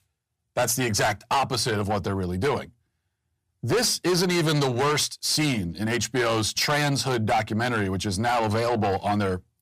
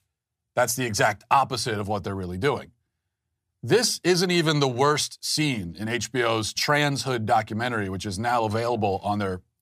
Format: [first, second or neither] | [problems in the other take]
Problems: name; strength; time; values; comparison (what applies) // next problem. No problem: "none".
second | distortion; heavy; 7 dB below the speech